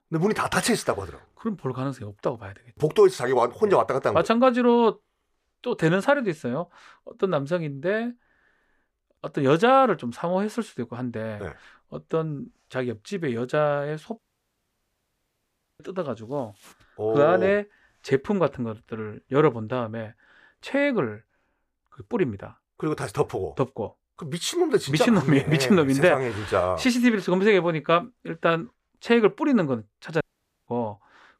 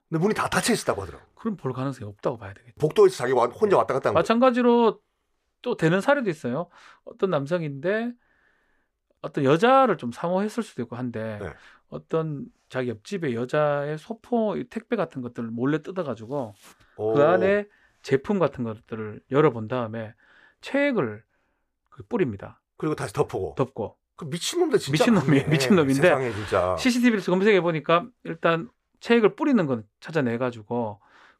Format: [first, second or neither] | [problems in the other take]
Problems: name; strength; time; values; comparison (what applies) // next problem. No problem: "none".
second | audio cutting out; at 14 s for 1.5 s and at 30 s